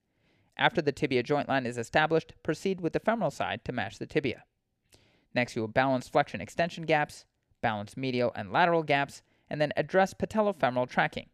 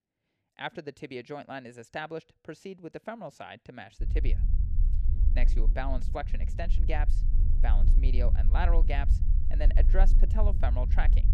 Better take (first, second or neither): first